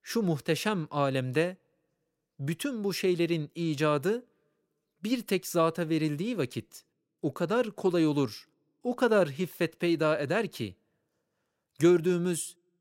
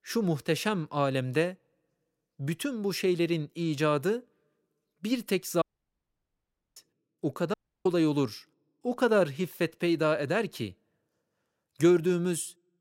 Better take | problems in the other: first | audio cutting out; at 5.5 s for 1 s and at 7.5 s

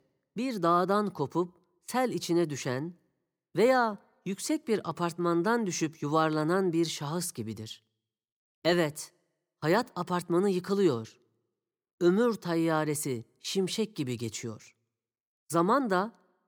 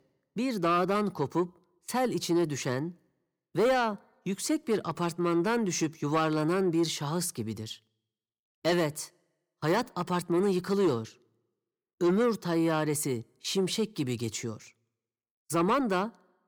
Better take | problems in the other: first | distortion; slight; 10 dB below the speech

